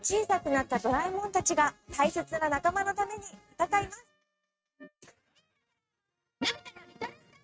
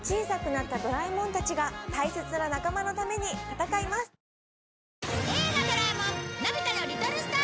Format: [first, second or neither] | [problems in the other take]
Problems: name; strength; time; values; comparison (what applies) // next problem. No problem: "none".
second | noise reduction (neural mask model RNNoise)